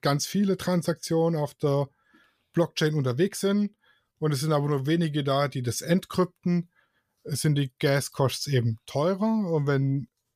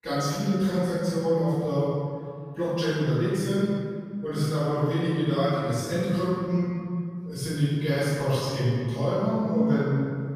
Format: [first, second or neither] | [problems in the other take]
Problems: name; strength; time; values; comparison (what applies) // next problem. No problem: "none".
first | off-mic speech; far // room echo; strong; dies away in 2 s